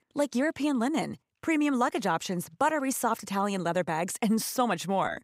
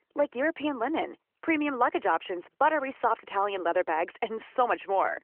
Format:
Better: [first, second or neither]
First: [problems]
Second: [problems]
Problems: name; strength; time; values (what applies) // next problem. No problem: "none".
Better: first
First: none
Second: phone-call audio; nothing above 3 kHz